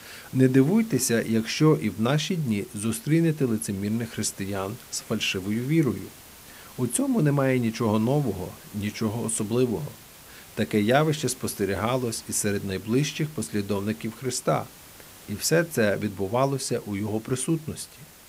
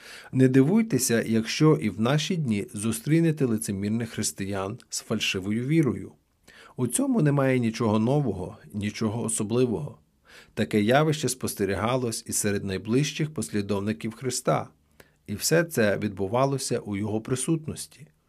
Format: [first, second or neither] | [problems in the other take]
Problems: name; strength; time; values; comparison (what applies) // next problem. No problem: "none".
second | hiss; faint; throughout; 20 dB below the speech